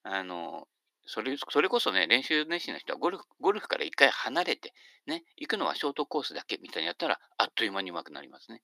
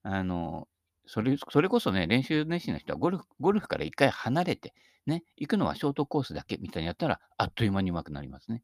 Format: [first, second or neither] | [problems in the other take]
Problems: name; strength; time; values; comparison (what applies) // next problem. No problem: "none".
second | thin; somewhat; fading below 350 Hz